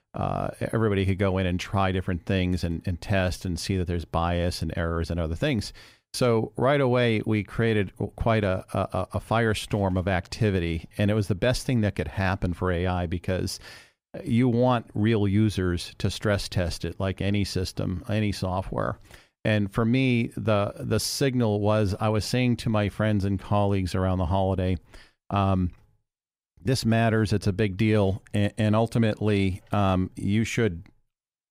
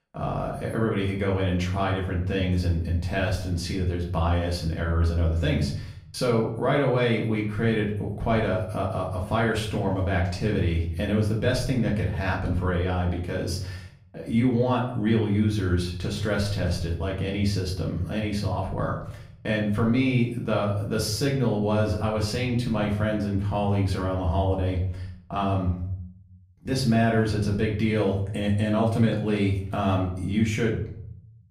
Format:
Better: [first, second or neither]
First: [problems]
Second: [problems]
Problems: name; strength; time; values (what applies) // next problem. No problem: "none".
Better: first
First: none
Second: room echo; slight; dies away in 0.6 s // off-mic speech; far